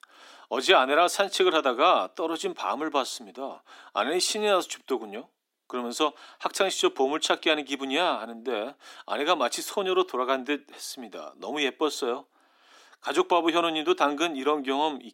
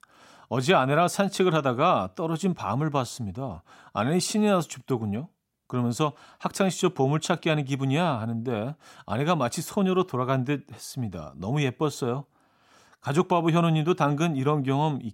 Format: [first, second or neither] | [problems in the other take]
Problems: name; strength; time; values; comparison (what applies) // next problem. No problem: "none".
second | thin; somewhat; fading below 300 Hz